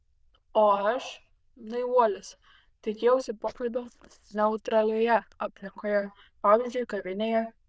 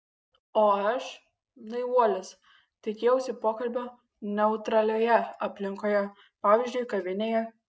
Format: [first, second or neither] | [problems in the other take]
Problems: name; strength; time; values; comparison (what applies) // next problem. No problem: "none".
second | noise reduction (neural diffusion model UNIVERSE++)